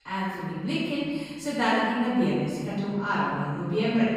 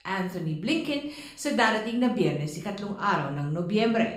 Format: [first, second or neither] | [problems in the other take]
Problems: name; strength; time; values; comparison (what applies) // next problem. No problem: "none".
second | room echo; strong; dies away in 1.9 s; slight in the second // off-mic speech; far; somewhat distant in the second